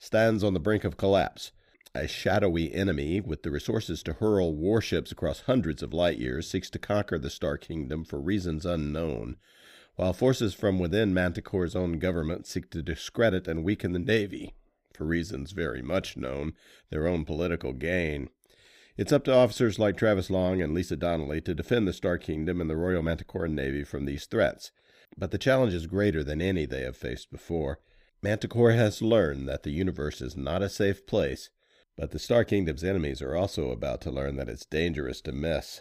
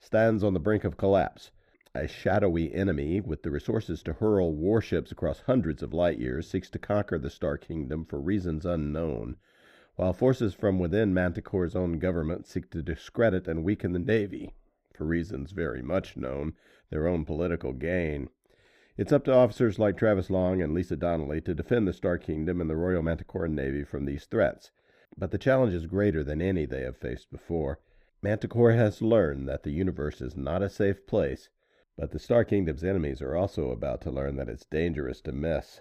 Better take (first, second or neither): first